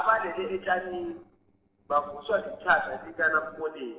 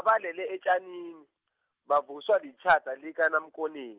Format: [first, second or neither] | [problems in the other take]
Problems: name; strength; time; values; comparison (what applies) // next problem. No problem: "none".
second | noise reduction (neural separator model SepFormer DNS4)